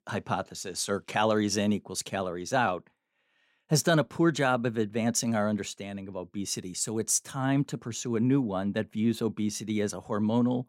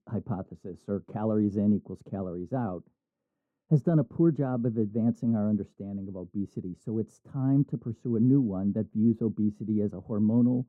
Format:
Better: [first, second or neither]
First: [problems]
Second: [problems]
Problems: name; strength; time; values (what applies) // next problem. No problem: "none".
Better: first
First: none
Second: muffled; very; fading above 1 kHz